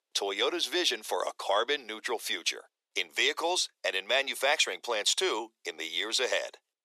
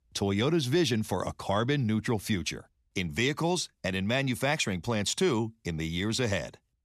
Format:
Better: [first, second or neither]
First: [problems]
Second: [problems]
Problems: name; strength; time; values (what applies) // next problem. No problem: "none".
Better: second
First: thin; very; fading below 400 Hz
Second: none